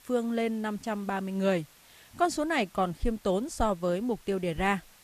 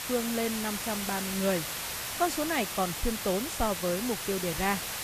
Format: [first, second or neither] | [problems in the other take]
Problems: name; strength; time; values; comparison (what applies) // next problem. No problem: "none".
first | hiss; loud; throughout; 2 dB below the speech; faint in the first